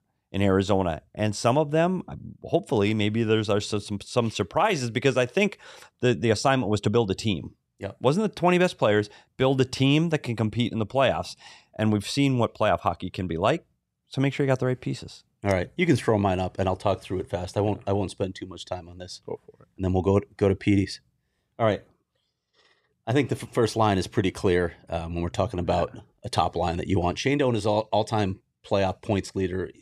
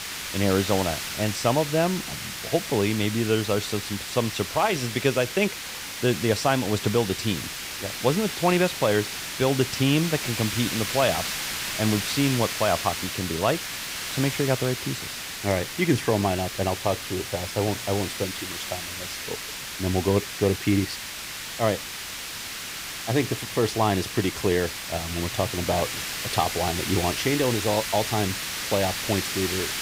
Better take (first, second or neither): first